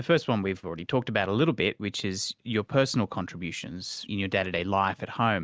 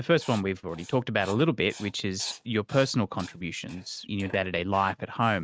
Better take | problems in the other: first | noise reduction (neural mask model RNNoise)

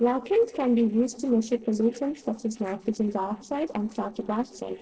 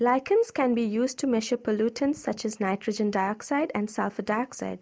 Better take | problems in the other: second | noise reduction (neural separator model SepFormer DNS4)

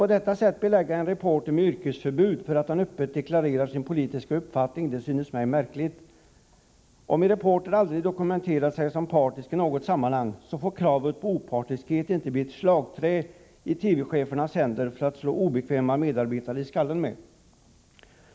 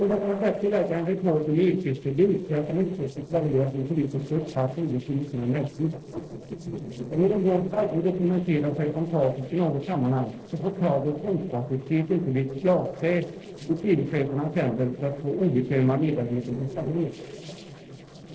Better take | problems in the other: first | noise reduction (neural separator model SepFormer DNS4)

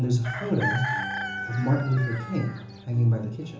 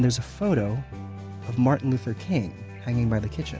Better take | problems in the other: second | background sound (Chicken, rooster); 7 dB below the speech // room echo; dies away in 0.6 s

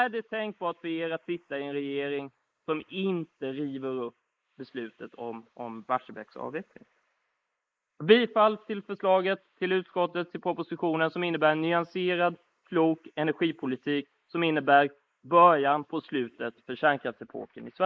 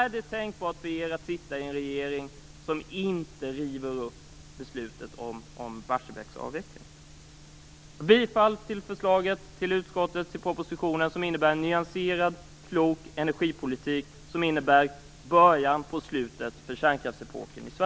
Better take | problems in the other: second | noise reduction (neural mask model Resemble Enhance denoiser)

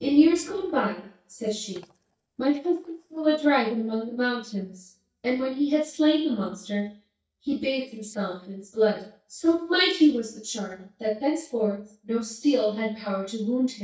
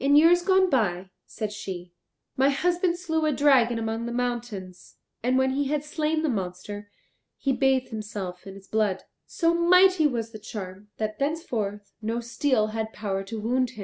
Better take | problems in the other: second | noise reduction (neural mask model DeepFilterNet 3)

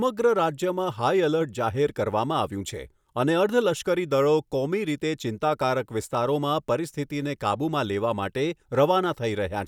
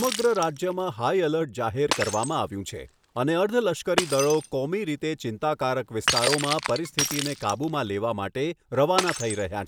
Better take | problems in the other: first | background sound (Shatter); 7 dB below the speech

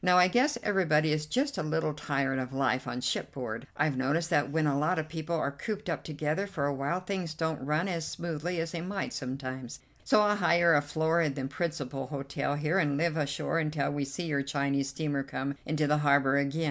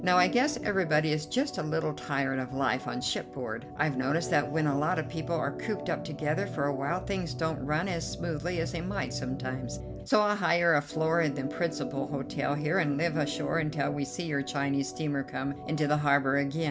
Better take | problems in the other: first | background sound (Organ); 9 dB below the speech

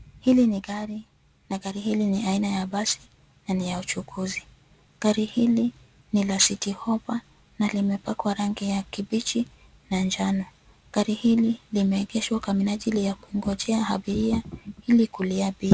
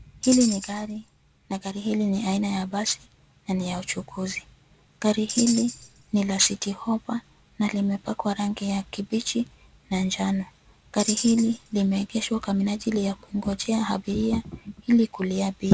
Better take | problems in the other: first | background sound (Tambourine); 8 dB below the speech

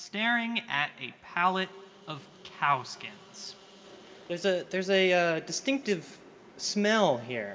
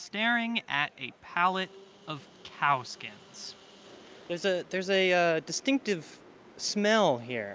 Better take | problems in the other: second | room echo; dies away in 0.8 s

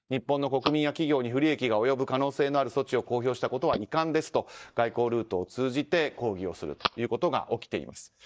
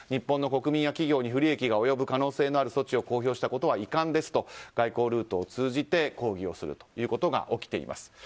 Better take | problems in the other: second | noise reduction (neural mask model DeepFilterNet 3)

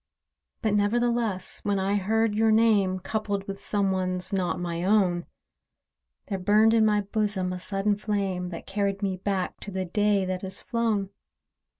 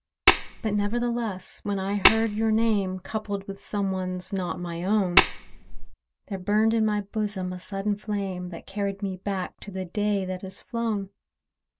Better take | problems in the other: first | background sound (Tap); 3 dB above the speech

